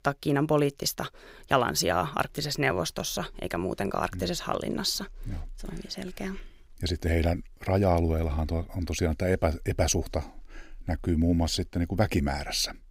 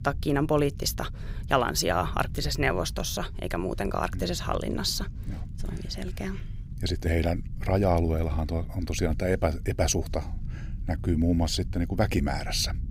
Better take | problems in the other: first | low rumble; faint; throughout; 25 dB below the speech

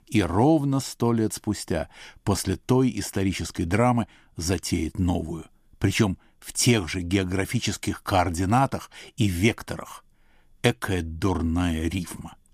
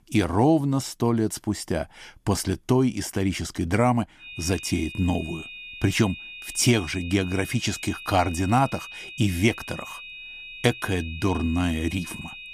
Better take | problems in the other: first | high-pitched whine; noticeable; from 4 s on; 2.5 kHz, 15 dB below the speech

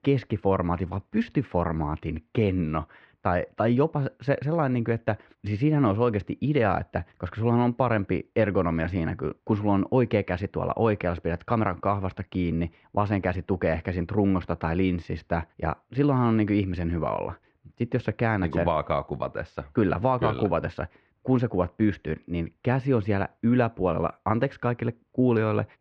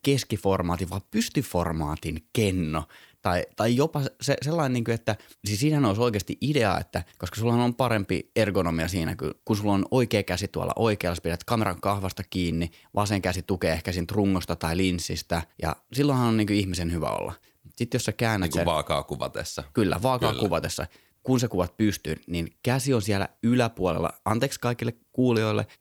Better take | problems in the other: second | muffled; very; fading above 2 kHz

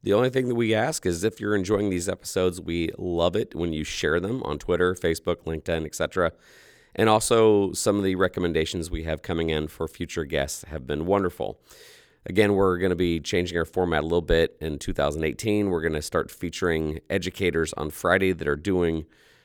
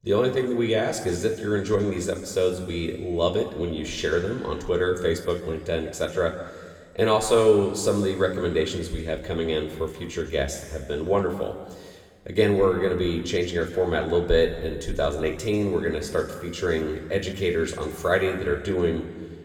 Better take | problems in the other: first | room echo; noticeable; dies away in 1.5 s // off-mic speech; somewhat distant

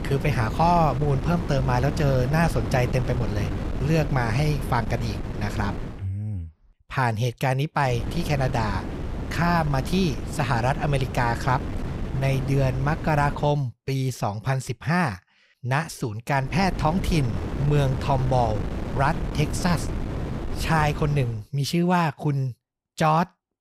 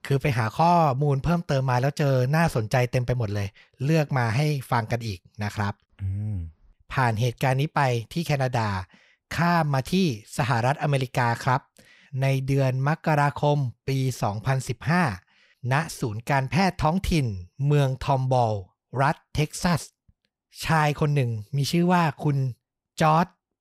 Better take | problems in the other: second | wind noise on the microphone; occasional gusts; until 6 s, from 8 to 13 s and from 16 to 21 s; 10 dB below the speech

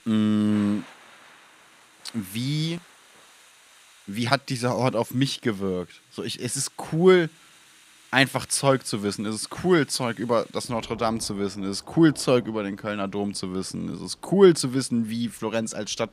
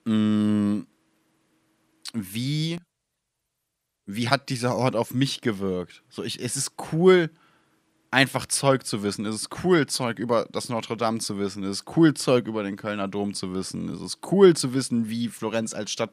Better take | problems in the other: second | rain or running water; faint; throughout; 25 dB below the speech

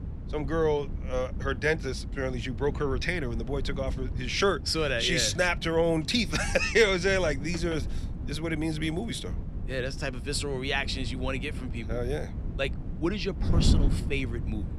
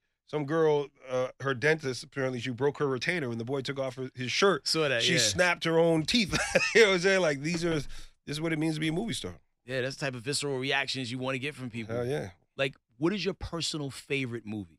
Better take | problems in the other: second | wind noise on the microphone; occasional gusts; 15 dB below the speech

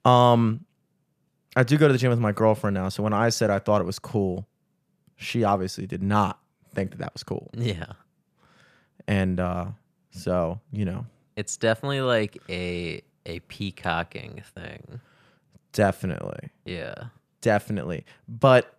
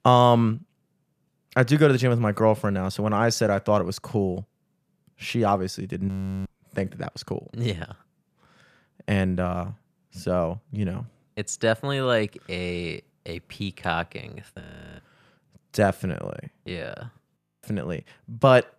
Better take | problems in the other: first | audio freezing; at 6 s, at 15 s and at 17 s

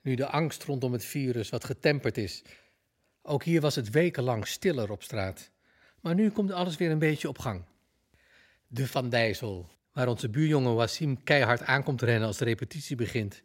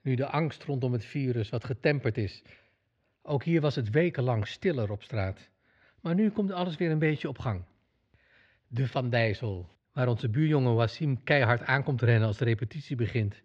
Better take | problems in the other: first | muffled; very slightly; fading above 3.5 kHz

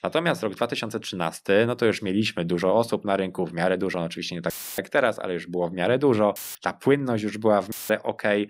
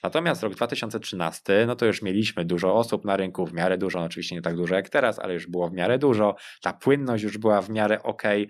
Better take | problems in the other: second | audio cutting out; filled with static; at 4.5 s, at 6.5 s and at 7.5 s

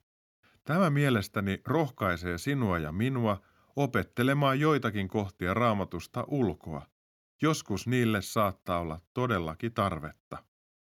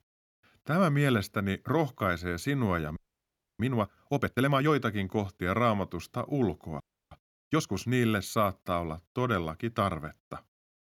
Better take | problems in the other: first | audio freezing; at 3 s for 0.5 s and at 7 s

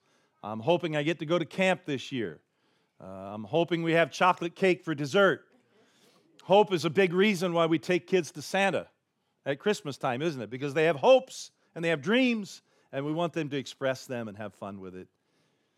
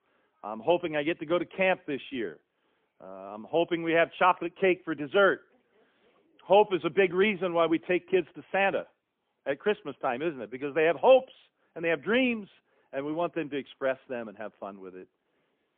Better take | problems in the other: first | phone-call audio; poor line; nothing above 3 kHz

